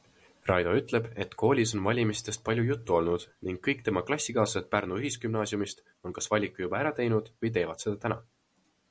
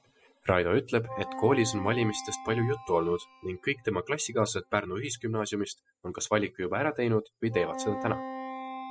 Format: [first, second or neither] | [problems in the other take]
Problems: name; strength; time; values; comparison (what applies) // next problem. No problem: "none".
first | noise reduction (classical method spectral subtraction)